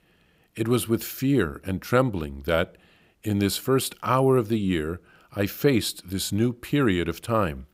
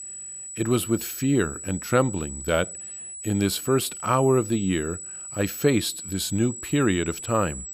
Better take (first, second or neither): first